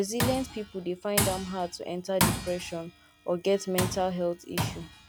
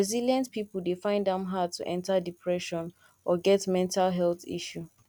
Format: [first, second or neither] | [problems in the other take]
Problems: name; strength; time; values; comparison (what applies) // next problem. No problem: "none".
second | background sound (Tools); 2 dB below the speech